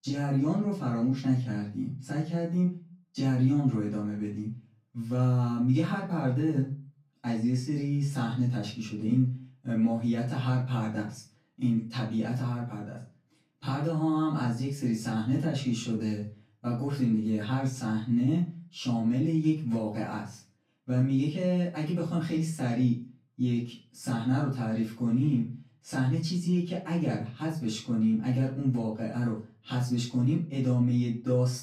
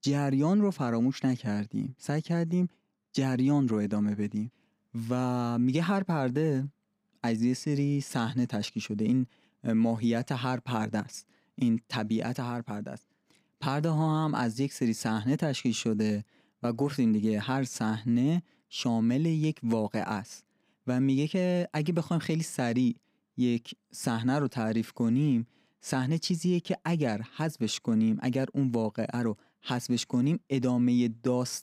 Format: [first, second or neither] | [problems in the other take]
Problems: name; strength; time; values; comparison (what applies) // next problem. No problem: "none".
second | off-mic speech; far // room echo; slight; dies away in 0.3 s